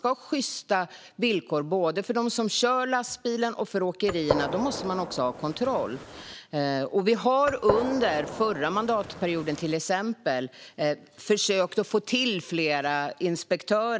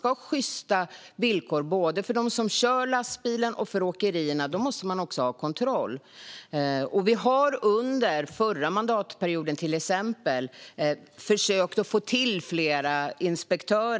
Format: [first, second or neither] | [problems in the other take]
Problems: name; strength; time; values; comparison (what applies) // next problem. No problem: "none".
second | background sound (Gunshot, gunfire); 7 dB below the speech